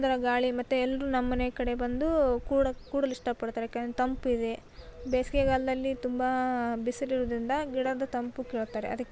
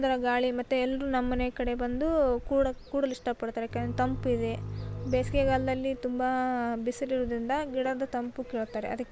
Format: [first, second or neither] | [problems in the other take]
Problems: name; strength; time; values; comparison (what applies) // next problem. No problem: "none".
first | background sound (Bowed string instrument); 9 dB below the speech